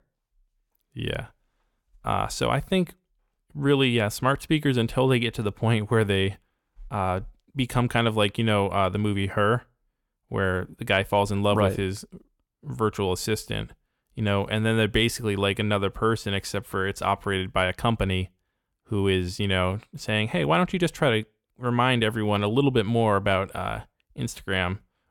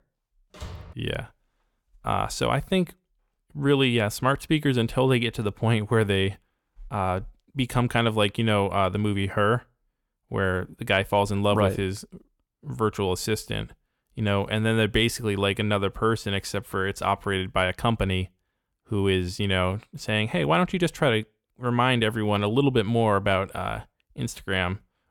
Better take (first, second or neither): first